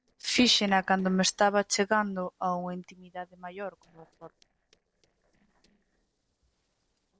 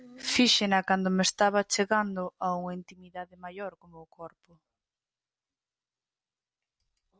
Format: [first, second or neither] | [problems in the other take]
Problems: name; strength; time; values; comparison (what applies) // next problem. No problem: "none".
second | noise reduction (neural separator model SepFormer DNS4)